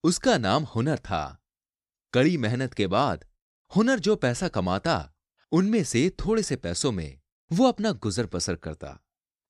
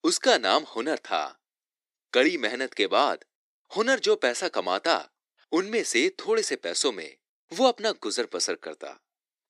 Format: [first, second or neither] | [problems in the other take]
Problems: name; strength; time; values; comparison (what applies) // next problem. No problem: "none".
first | thin; somewhat; fading below 300 Hz